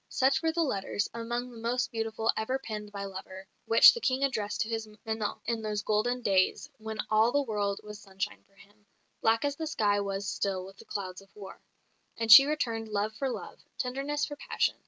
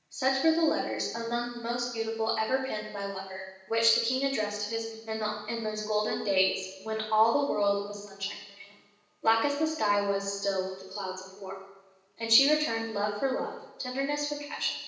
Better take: first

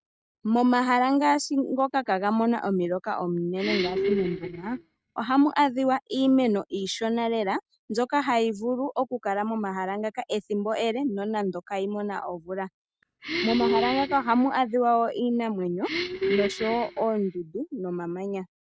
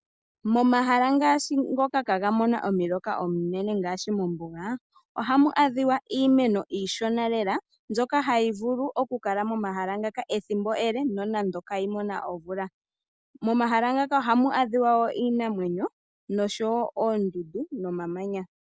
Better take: second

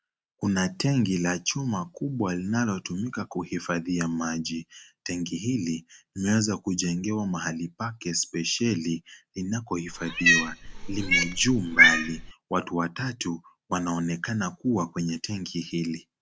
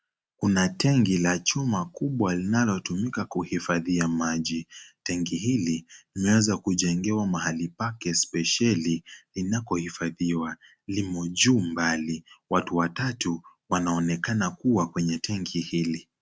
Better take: second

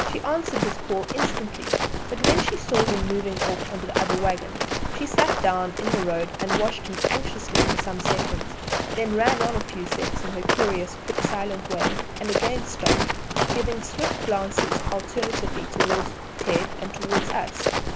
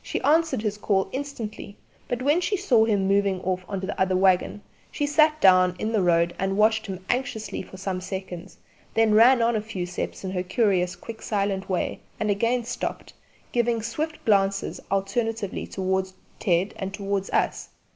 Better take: second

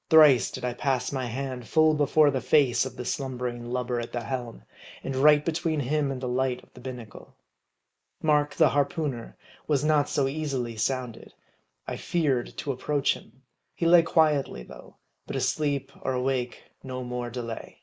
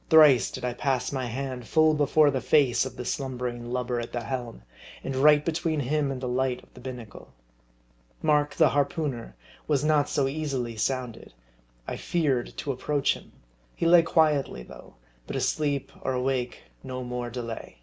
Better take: second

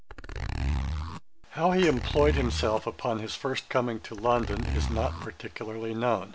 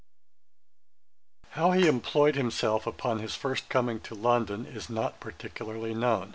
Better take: second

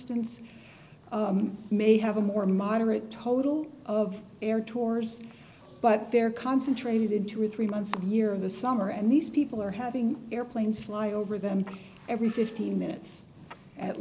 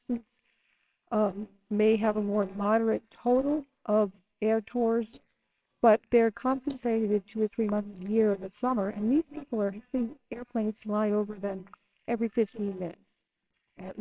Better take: first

